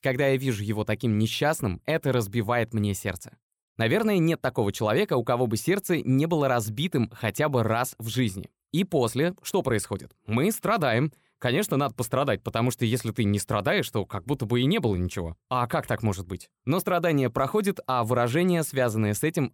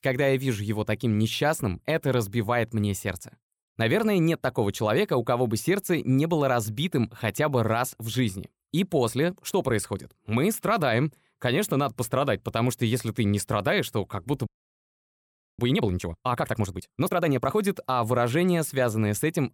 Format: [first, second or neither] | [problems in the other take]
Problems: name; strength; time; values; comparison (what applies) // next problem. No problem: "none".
first | audio freezing; at 14 s for 1 s